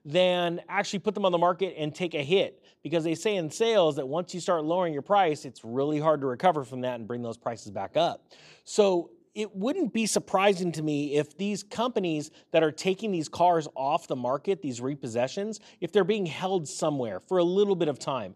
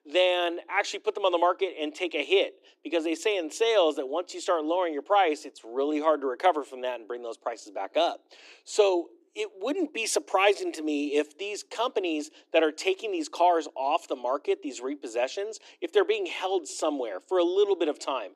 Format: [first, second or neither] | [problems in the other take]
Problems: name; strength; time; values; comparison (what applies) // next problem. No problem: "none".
first | thin; very slightly; fading below 300 Hz